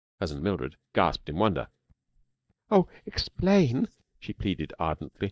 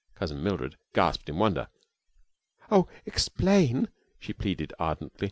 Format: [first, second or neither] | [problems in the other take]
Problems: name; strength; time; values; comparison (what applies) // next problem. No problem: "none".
second | noise reduction (neural mask model DeepFilterNet 3)